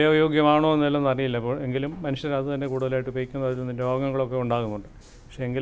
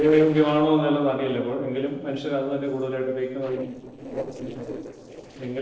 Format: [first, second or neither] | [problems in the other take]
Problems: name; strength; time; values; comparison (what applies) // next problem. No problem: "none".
first | noise reduction (neural separator model SepFormer DNS4)